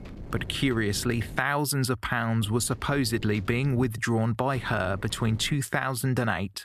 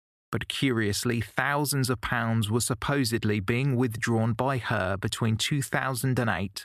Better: second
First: wind noise on the microphone; occasional gusts; until 1.5 s, from 2.5 to 4 s and from 4.5 to 5.5 s; 20 dB below the speech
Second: none

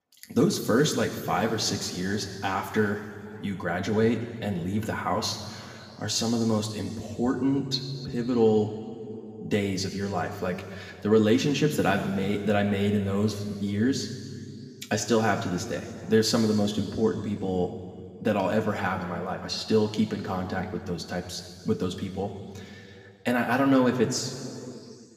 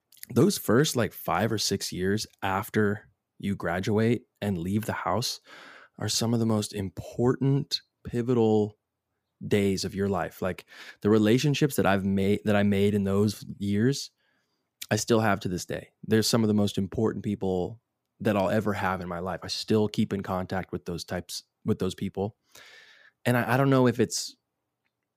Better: second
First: room echo; slight; dies away in 2.4 s // off-mic speech; somewhat distant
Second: none

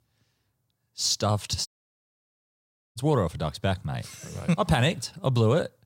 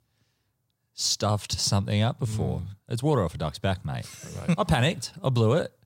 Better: second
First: audio cutting out; at 1.5 s for 1.5 s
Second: none

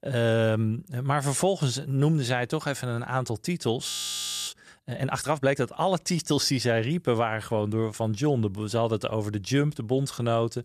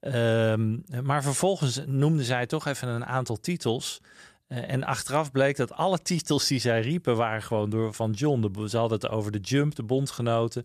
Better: second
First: audio freezing; at 4 s for 0.5 s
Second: none

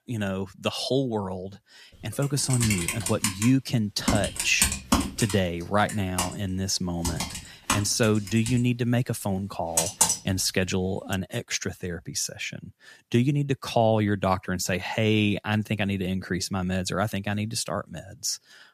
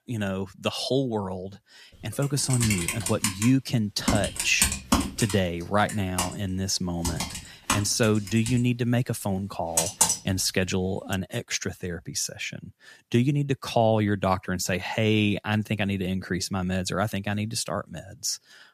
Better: neither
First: keyboard typing; loud; from 2.5 to 10 s; peak 6 dB above the speech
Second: keyboard typing; loud; from 2.5 to 10 s; peak 6 dB above the speech

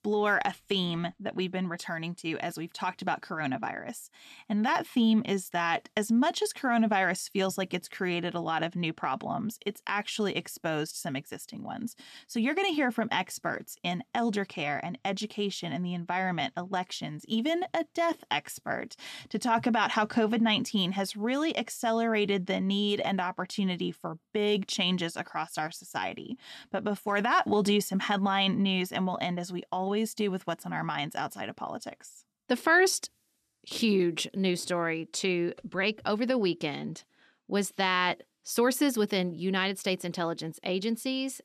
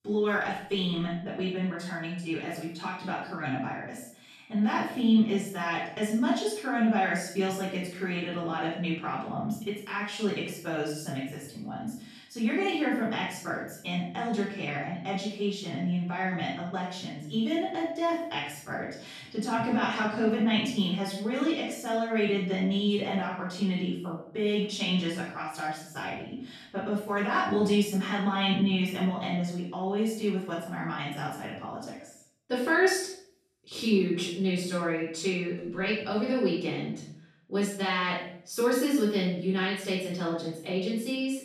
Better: first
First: none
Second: off-mic speech; far // room echo; noticeable; dies away in 0.5 s

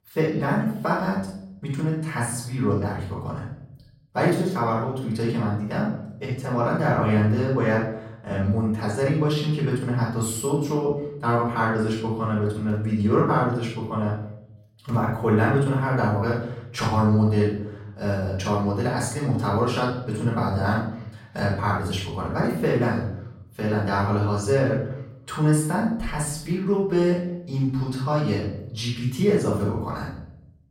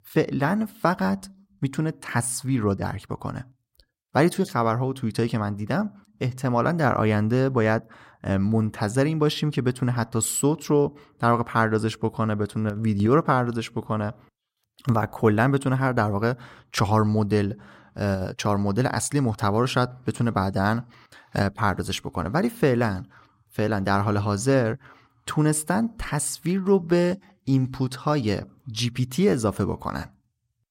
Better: second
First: off-mic speech; far // room echo; noticeable; dies away in 0.7 s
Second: none

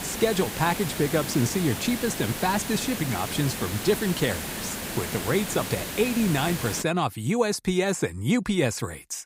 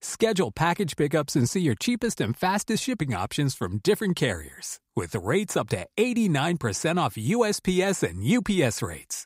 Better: second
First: hiss; loud; until 7 s; 6 dB below the speech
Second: none

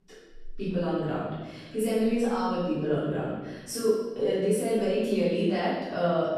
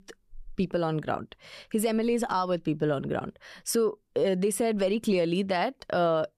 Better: second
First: off-mic speech; far // room echo; strong; dies away in 1.2 s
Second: none

